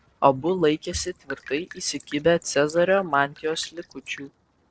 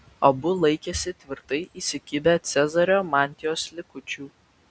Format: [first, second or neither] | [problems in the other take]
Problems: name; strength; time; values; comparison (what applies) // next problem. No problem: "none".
second | noise reduction (neural separator model SepFormer DNS4)